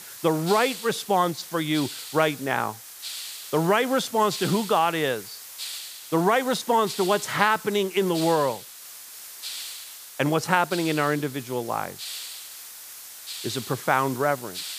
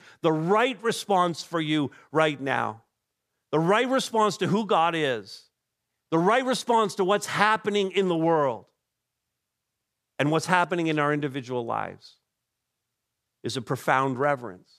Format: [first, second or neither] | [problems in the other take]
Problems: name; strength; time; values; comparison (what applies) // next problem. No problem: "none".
second | hiss; noticeable; throughout; 10 dB below the speech